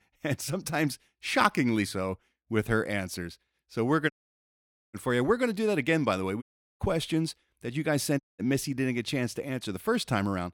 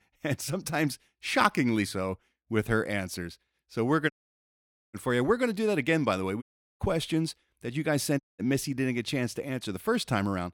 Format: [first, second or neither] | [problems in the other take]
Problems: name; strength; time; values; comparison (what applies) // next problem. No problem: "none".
neither | audio cutting out; at 4 s for 1 s, at 6.5 s and at 8 s; the same in both